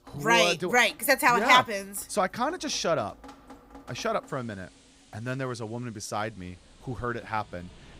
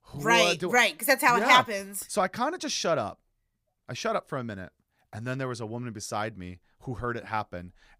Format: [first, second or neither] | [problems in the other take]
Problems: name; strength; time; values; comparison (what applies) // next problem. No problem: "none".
second | rain or running water; faint; throughout; 25 dB below the speech